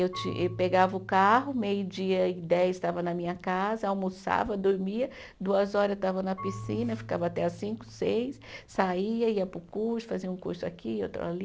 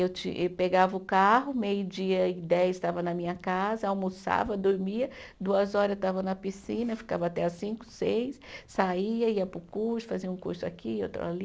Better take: second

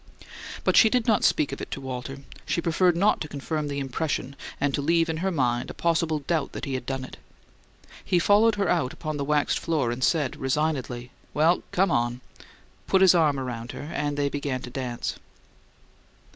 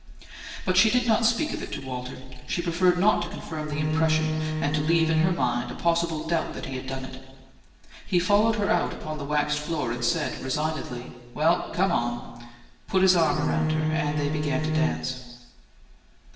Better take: first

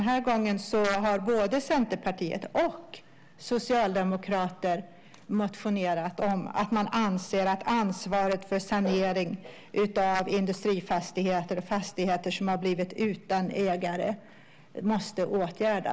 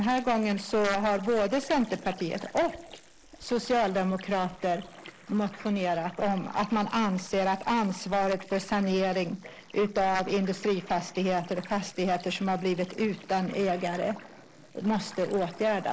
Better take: first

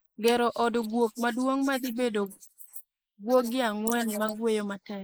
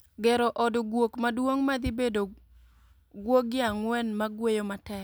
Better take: second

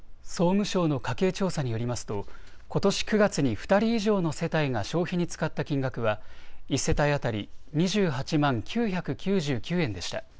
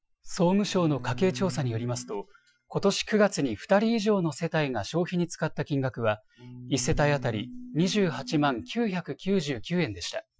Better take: first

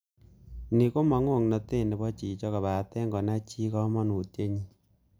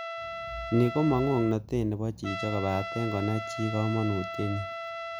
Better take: first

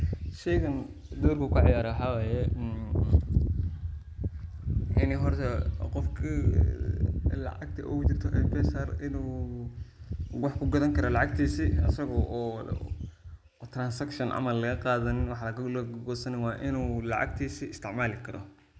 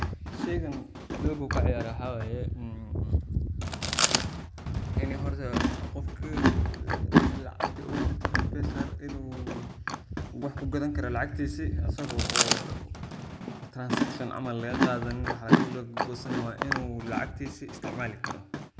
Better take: first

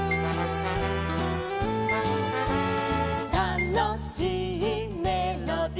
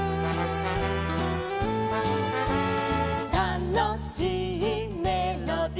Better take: second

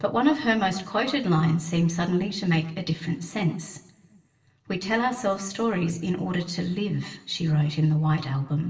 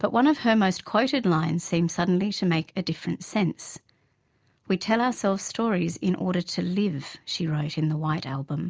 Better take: second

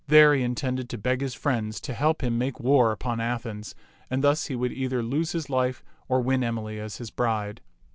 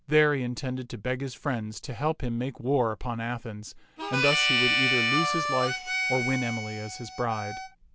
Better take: first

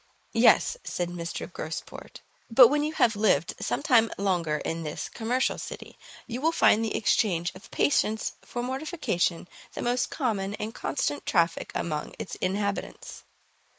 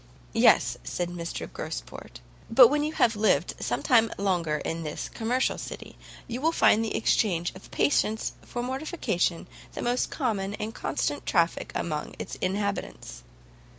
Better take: second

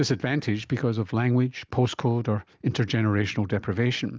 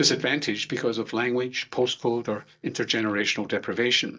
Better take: first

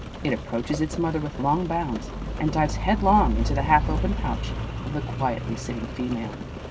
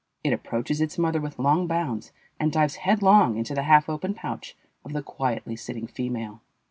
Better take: second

